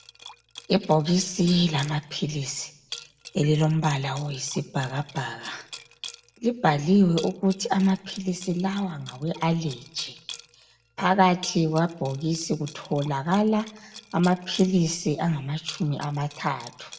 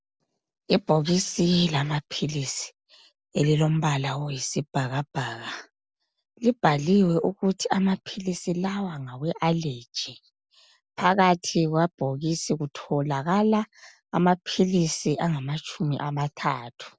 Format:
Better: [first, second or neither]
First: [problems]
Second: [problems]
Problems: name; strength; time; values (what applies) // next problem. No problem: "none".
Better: second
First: background sound (Liquid); 19 dB below the speech // room echo; dies away in 0.6 s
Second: none